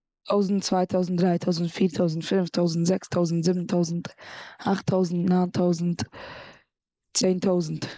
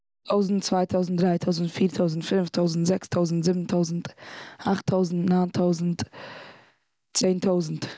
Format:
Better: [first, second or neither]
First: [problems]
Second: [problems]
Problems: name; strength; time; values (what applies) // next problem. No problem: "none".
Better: second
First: noise reduction (neural mask model Resemble Enhance denoiser)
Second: none